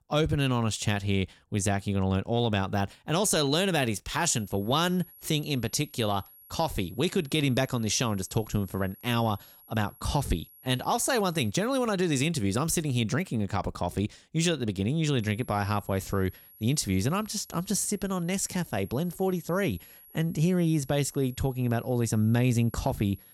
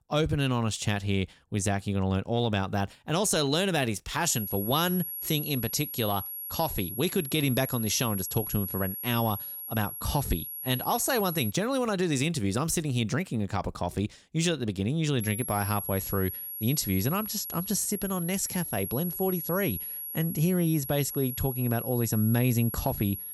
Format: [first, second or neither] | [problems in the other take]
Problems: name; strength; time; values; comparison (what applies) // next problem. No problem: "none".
first | high-pitched whine; loud; from 4.5 to 12 s and from 15 s on; 11.5 kHz, 6 dB below the speech; faint in the first